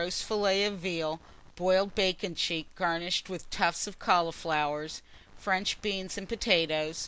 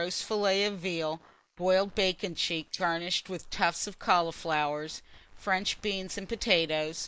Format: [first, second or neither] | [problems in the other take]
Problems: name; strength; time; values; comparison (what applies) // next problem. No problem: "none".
first | noise reduction (neural mask model Resemble Enhance denoiser)